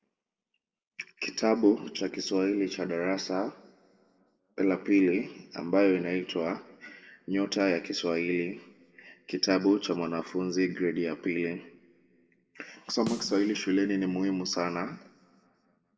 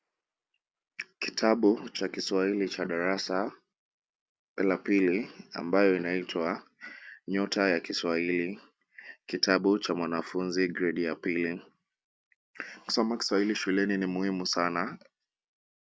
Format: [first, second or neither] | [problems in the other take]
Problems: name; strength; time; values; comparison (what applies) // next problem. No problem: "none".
second | background sound (Snare drum); 15 dB below the speech // room echo; dies away in 0.9 s